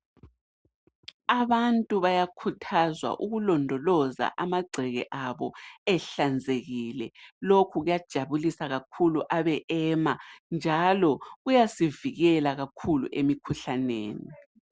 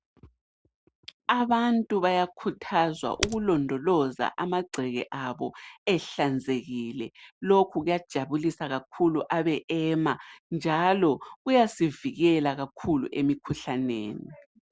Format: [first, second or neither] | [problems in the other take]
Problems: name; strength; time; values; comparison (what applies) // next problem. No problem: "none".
first | background sound (Typing); 7 dB below the speech